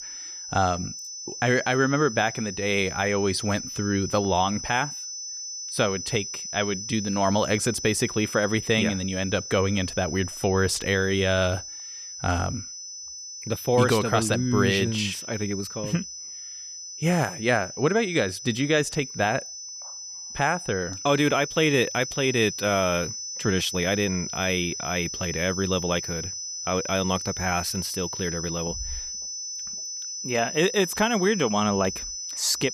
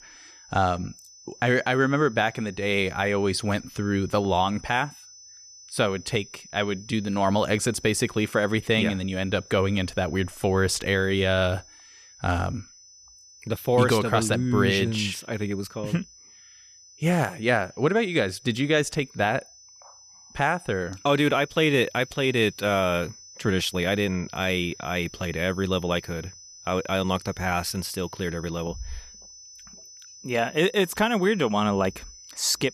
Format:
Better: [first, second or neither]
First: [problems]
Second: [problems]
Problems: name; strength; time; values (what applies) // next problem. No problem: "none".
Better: second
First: high-pitched whine; loud; throughout; 6 kHz, 8 dB below the speech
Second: high-pitched whine; faint; throughout; 6 kHz, 20 dB below the speech